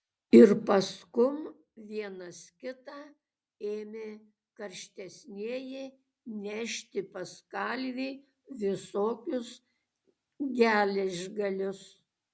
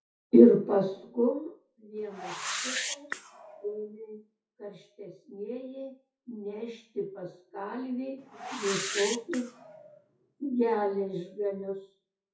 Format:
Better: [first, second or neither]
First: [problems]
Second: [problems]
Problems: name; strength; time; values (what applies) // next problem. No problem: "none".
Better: first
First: none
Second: noise reduction (classical method WPE with log-MMSE)